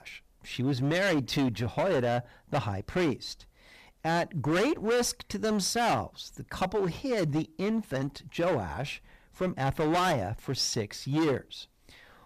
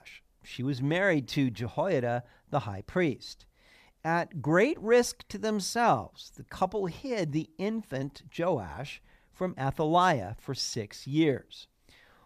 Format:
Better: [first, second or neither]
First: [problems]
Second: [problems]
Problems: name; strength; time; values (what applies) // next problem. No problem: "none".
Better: second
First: distortion; heavy; 13% of the sound clipped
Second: none